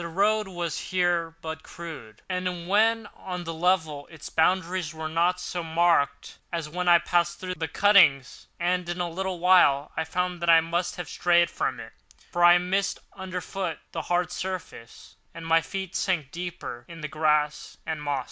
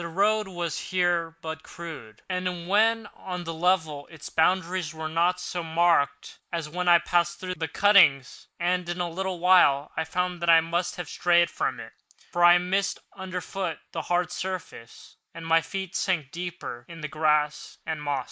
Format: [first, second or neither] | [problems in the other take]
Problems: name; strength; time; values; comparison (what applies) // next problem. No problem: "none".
first | noise reduction (neural mask model Resemble Enhance denoiser)